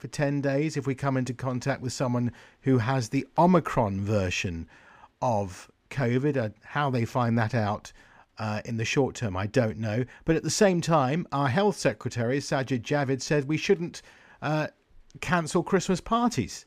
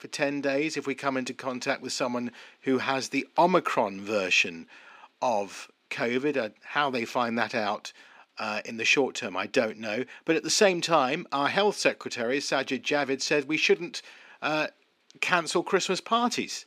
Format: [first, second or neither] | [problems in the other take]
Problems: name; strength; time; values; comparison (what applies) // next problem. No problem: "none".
first | thin; very slightly; fading below 250 Hz